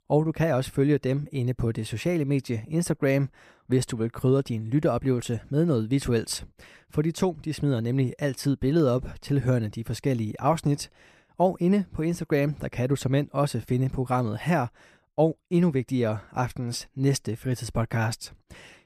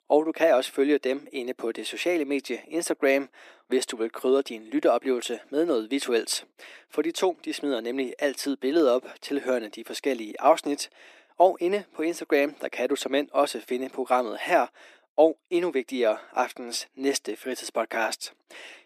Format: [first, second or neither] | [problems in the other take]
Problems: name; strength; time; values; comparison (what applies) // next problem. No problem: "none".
first | thin; somewhat; fading below 300 Hz